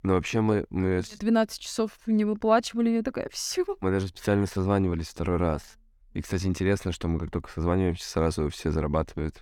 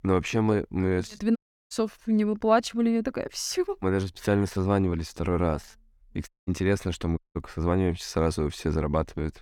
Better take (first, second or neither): first